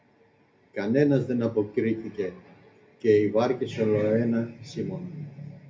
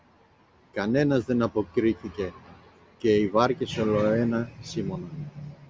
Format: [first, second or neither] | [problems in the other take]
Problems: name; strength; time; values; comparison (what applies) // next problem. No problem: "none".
second | room echo; dies away in 0.3 s